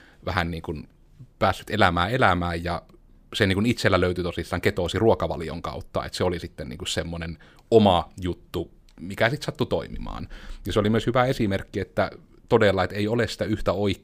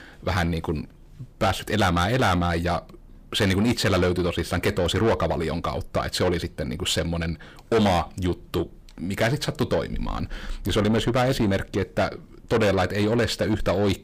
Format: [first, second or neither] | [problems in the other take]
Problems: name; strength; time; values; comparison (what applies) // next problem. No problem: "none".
first | distortion; heavy; 6 dB below the speech